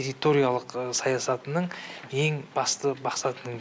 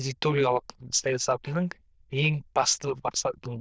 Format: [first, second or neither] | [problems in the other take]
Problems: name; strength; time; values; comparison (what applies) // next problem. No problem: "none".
first | noise reduction (neural diffusion model UNIVERSE++)